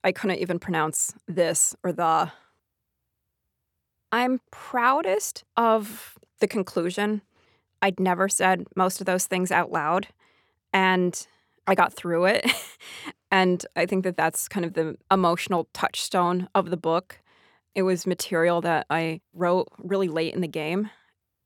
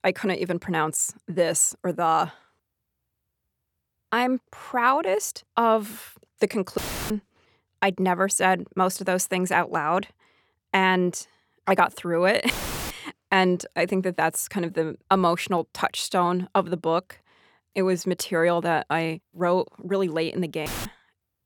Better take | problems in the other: first | audio cutting out; filled with static; at 7 s, at 13 s and at 21 s

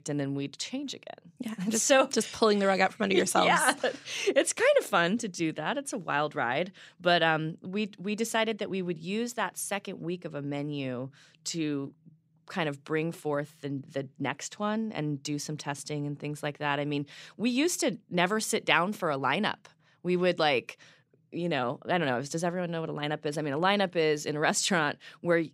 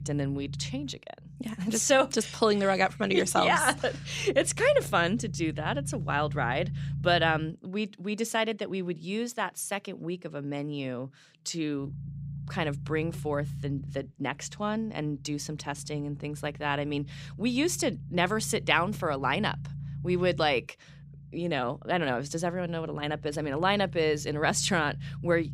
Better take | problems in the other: first | low rumble; faint; until 7.5 s and from 12 s on; 25 dB below the speech

